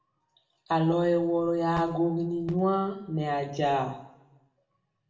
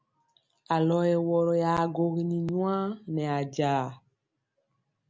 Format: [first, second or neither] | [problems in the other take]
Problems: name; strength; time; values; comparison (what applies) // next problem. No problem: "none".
second | room echo; dies away in 0.6 s